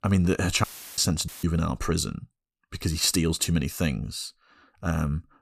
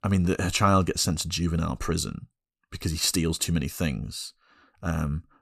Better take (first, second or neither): second